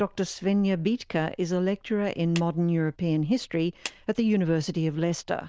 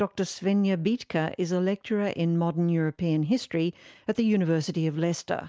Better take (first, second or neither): second